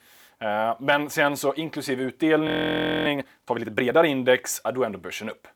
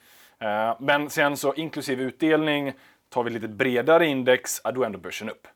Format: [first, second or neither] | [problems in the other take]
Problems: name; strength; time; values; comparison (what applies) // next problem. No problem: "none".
second | audio freezing; at 2.5 s for 0.5 s